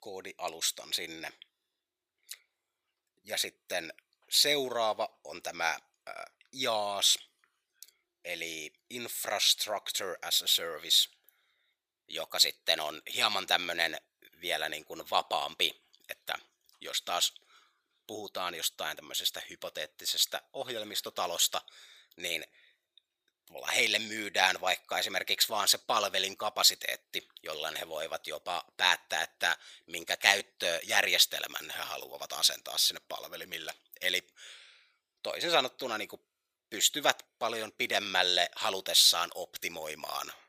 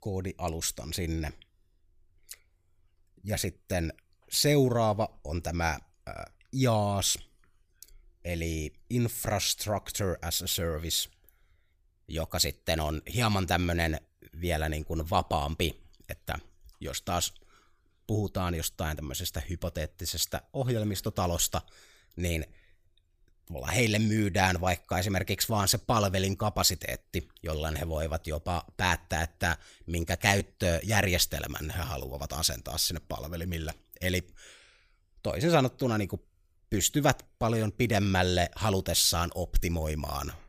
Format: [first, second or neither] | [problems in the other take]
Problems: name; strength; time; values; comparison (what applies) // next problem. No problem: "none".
second | thin; very; fading below 550 Hz